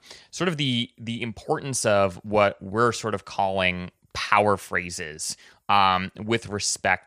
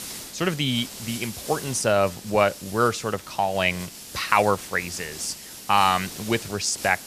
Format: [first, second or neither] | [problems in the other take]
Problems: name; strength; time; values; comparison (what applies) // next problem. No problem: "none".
first | hiss; noticeable; throughout; 15 dB below the speech